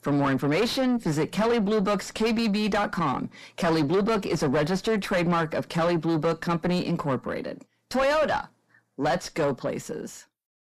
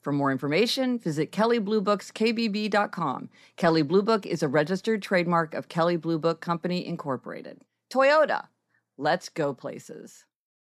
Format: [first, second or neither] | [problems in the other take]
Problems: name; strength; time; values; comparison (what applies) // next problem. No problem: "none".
second | distortion; heavy; 5 dB below the speech